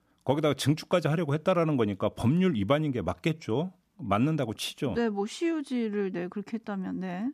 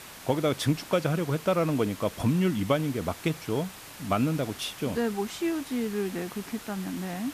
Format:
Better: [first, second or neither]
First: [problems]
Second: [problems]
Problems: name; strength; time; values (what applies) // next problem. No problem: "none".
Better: first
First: none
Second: hiss; noticeable; throughout; 15 dB below the speech